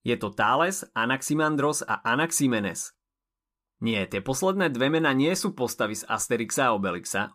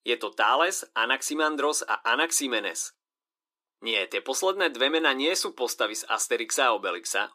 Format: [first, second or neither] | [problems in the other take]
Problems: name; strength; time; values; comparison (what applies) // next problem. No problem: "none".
first | thin; somewhat; fading below 300 Hz